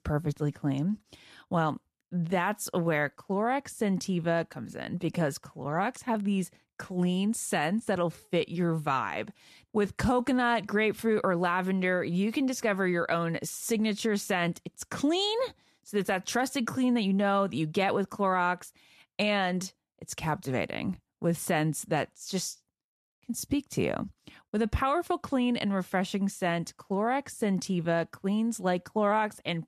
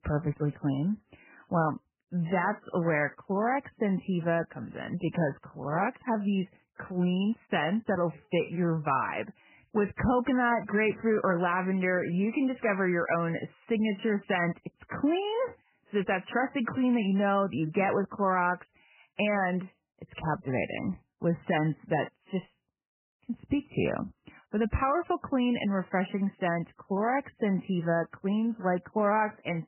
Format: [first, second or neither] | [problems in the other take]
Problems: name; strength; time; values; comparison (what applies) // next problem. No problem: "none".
first | garbled, watery; badly; nothing above 3 kHz